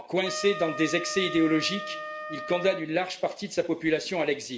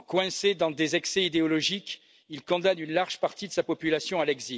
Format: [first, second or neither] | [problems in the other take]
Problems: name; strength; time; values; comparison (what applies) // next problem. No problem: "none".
second | background sound (Wind instrument, woodwind instrument); 11 dB below the speech // room echo; dies away in 1.5 s